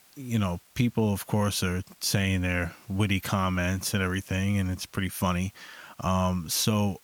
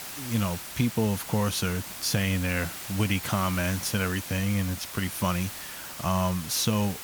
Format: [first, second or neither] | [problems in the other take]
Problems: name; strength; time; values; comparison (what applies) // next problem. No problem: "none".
first | hiss; loud; throughout; 8 dB below the speech; faint in the first